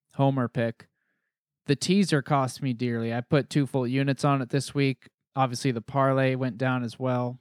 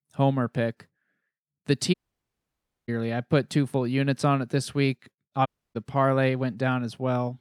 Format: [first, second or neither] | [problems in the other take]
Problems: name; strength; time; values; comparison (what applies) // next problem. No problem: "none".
first | audio cutting out; at 2 s for 1 s and at 5.5 s